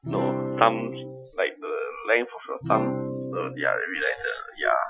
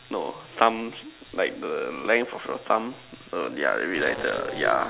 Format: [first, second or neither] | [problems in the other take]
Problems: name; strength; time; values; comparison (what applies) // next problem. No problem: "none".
second | noise reduction (classical method Wiener filter)